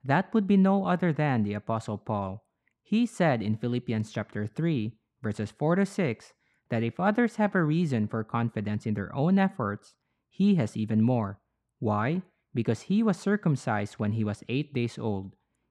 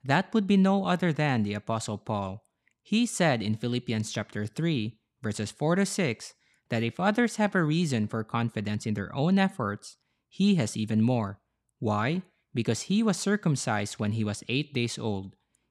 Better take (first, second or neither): second